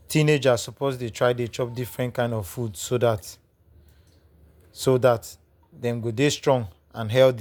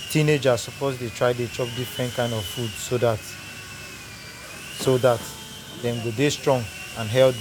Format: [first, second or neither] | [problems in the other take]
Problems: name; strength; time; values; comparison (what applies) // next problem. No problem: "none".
first | background sound (Sawing); 12 dB below the speech